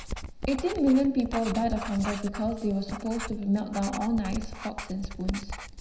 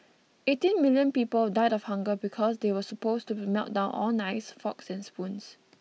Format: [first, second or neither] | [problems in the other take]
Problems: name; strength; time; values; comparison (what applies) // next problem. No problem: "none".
second | background sound (Writing); 8 dB below the speech // room echo; dies away in 0.9 s